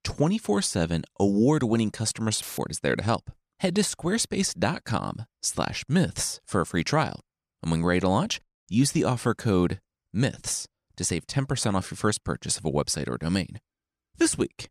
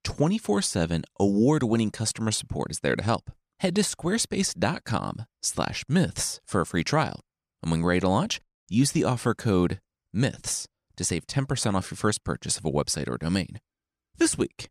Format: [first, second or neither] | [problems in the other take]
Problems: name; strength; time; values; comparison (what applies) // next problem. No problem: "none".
second | audio cutting out; filled with static; at 2.5 s